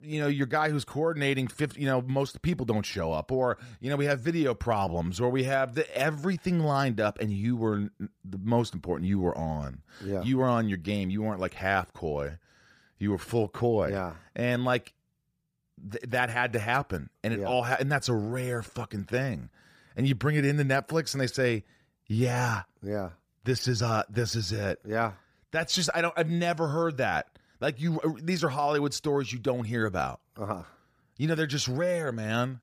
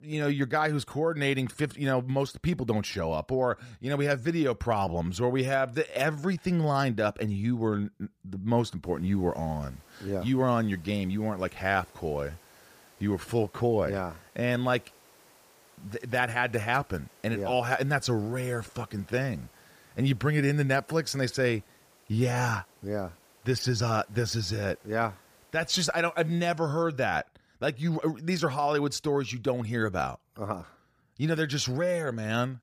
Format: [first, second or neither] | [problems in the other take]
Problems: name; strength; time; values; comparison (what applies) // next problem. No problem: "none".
first | hiss; faint; from 9 to 26 s; 30 dB below the speech